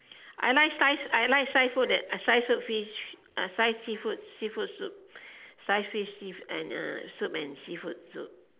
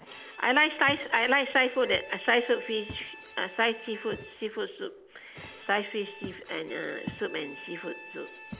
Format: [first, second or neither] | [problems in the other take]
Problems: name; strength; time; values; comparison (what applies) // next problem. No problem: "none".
first | background sound (Walk, footsteps + Bowed string instrument); 16 dB below the speech